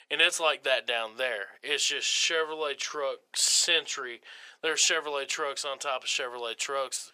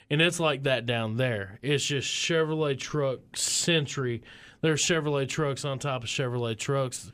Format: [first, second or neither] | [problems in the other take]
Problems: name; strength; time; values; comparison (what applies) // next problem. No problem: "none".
second | thin; very; fading below 600 Hz